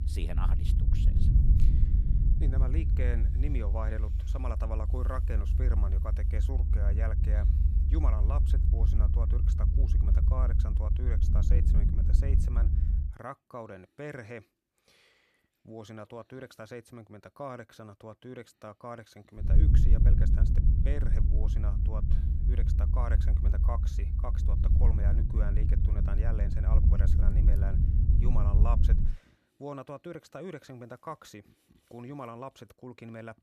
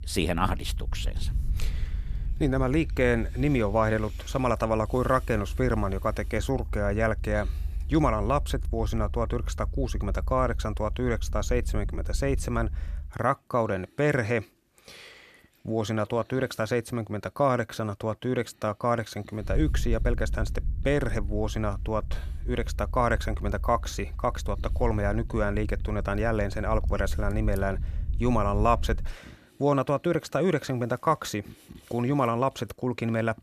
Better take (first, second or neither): second